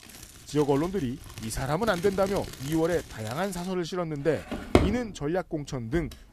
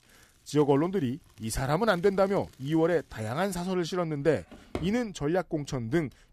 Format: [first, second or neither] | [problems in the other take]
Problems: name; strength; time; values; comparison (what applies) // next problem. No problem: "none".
second | household noises; loud; throughout; 5 dB below the speech; faint in the second